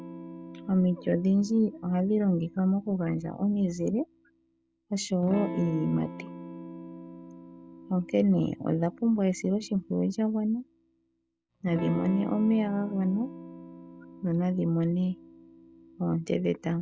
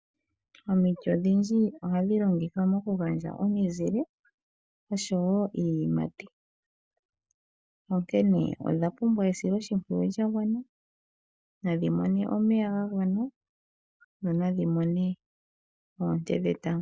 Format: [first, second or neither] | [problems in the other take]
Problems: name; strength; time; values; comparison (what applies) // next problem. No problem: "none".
second | background sound (Electric guitar / Strum); 14 dB below the speech